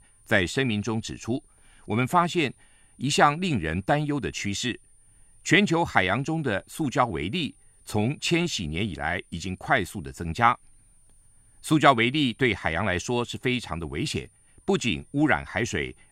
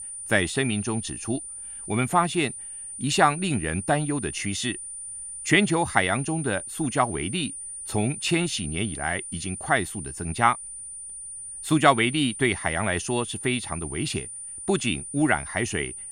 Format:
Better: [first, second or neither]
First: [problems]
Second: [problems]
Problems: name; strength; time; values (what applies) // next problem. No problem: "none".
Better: first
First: high-pitched whine; faint; throughout; 9.5 kHz, 35 dB below the speech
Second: high-pitched whine; loud; throughout; 9.5 kHz, 9 dB below the speech